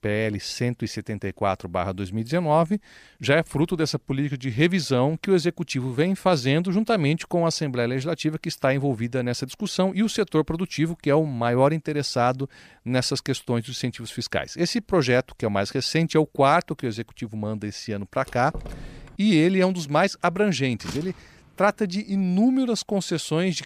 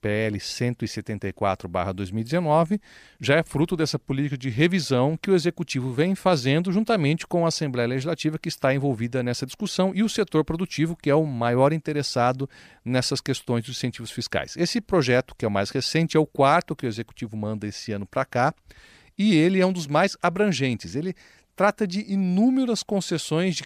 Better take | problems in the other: second | door banging; faint; at 18 s and at 21 s; peak 15 dB below the speech

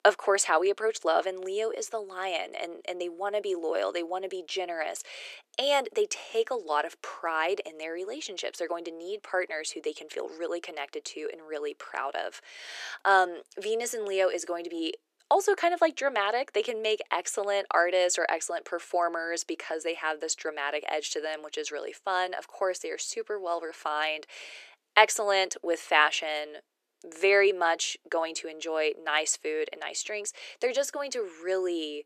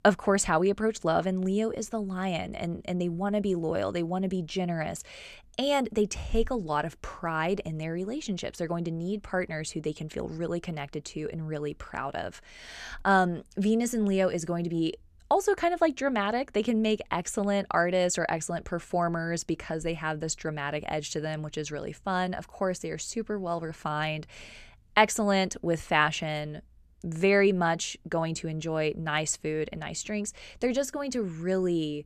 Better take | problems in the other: second | thin; very; fading below 350 Hz

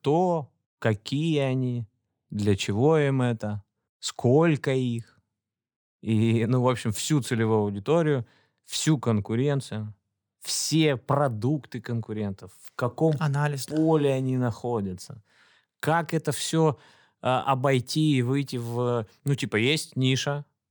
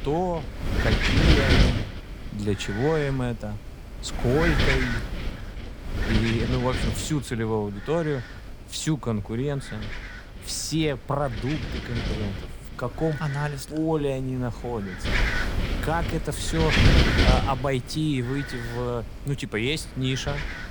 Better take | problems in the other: first | wind noise on the microphone; heavy; 1 dB above the speech

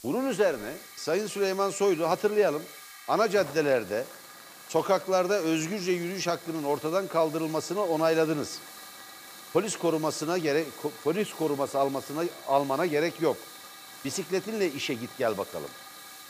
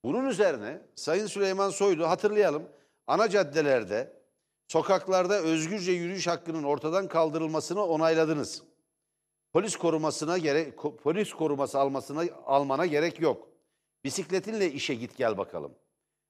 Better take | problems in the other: second | hiss; noticeable; throughout; 15 dB below the speech

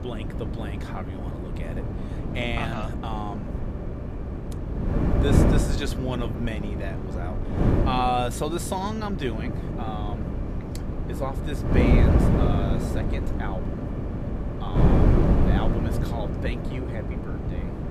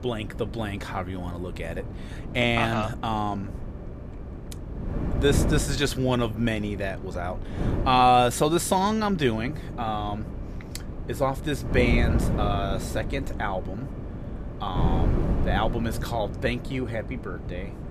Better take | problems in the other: second | wind noise on the microphone; heavy; 1 dB below the speech; occasional gusts in the second

